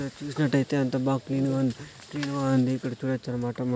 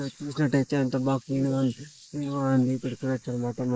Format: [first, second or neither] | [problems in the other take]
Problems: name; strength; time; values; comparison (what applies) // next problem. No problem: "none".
first | noise reduction (neural mask model Resemble Enhance denoiser)